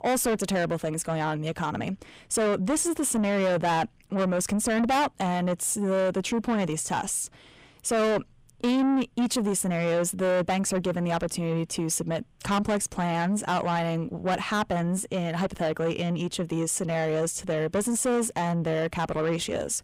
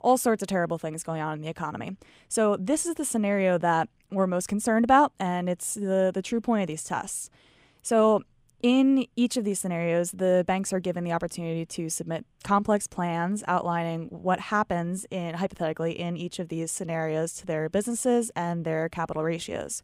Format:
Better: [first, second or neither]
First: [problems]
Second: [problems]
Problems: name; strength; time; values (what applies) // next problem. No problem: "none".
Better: second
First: distortion; heavy; 6 dB below the speech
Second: none